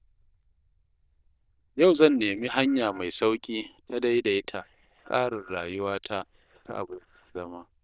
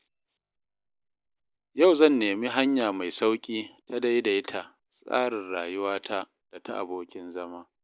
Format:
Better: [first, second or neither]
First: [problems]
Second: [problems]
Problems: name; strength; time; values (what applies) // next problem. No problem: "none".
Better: second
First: noise reduction (neural diffusion model UNIVERSE++)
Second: none